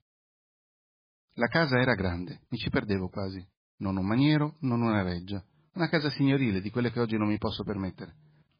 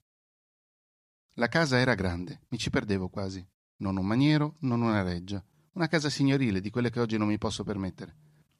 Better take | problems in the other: second | garbled, watery; badly

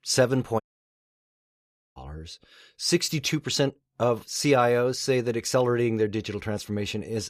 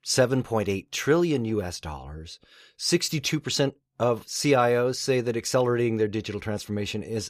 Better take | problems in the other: second | audio cutting out; at 0.5 s for 1.5 s

